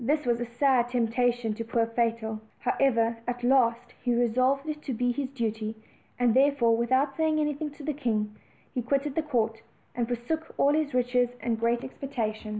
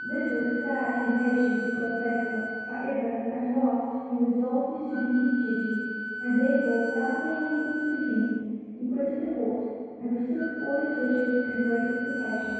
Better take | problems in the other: first | background sound (Wind instrument, woodwind instrument); 9 dB below the speech // room echo; dies away in 2 s

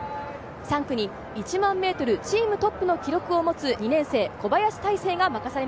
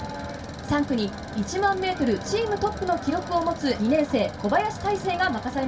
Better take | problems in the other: first | background sound (Engine); 18 dB below the speech // room echo; dies away in 0.2 s

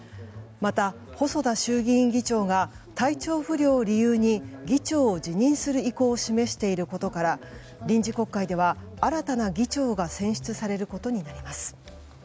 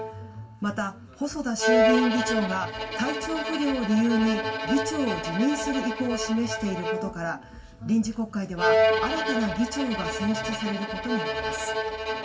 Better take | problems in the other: first | background sound (Bowed string instrument); as loud as the speech // room echo; dies away in 0.2 s

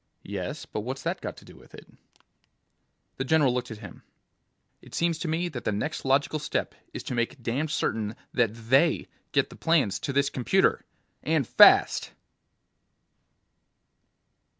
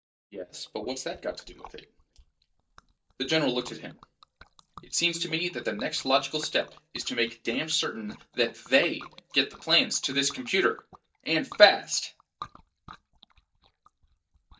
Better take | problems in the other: first | noise reduction (neural mask model DeepFilterNet 3)

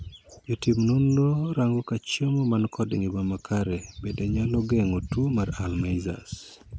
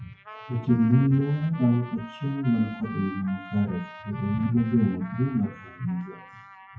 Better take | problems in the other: first | noise reduction (classical method WPE with log-MMSE)

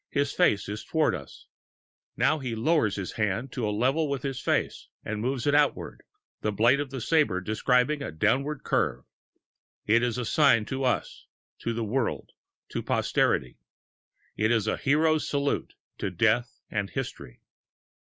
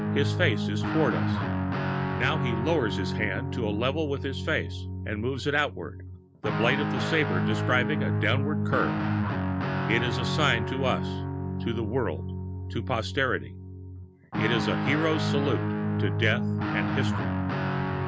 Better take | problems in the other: first | background sound (Guitar); 1 dB above the speech

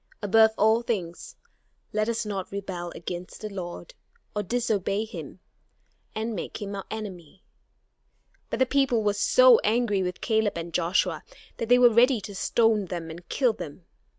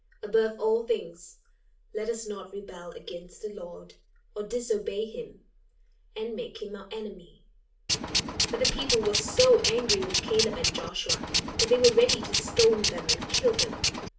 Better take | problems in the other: first | background sound (Tools); 1 dB above the speech // room echo; dies away in 0.3 s

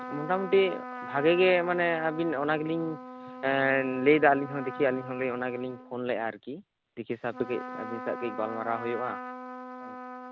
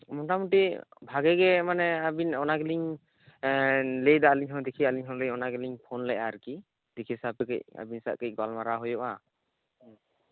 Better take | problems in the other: second | background sound (Trumpet); 12 dB below the speech

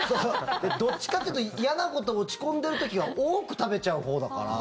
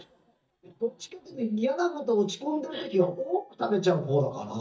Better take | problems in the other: first | noise reduction (neural mask model DeepFilterNet 3)

